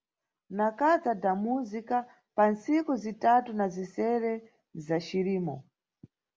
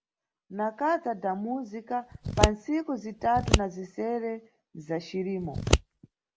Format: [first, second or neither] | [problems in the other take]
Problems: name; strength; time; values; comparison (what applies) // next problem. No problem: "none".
first | background sound (Scissors); 2 dB above the speech